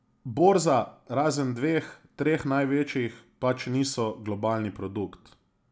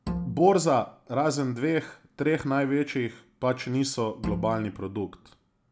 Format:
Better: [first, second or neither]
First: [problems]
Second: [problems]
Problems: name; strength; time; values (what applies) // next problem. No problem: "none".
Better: first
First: none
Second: background sound (Bowed string instrument); 9 dB below the speech